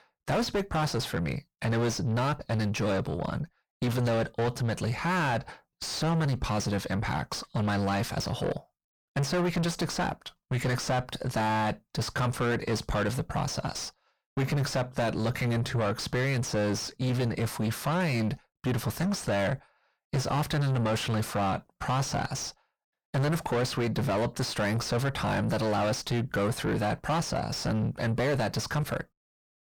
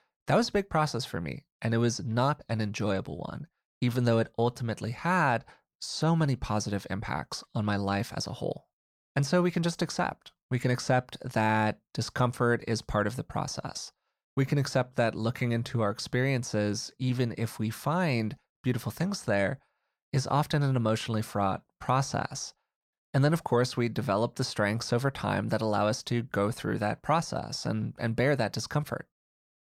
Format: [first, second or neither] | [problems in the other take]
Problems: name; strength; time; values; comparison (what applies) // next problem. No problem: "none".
second | distortion; heavy; 5 dB below the speech